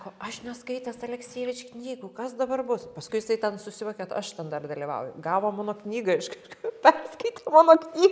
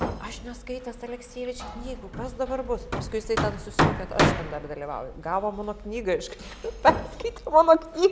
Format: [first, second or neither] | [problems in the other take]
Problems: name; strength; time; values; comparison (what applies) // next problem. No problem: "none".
first | background sound (Hammer); 4 dB below the speech